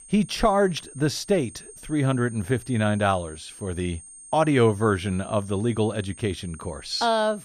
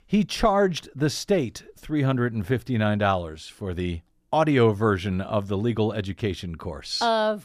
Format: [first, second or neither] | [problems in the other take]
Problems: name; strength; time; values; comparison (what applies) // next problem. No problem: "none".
second | high-pitched whine; noticeable; throughout; 8.5 kHz, 20 dB below the speech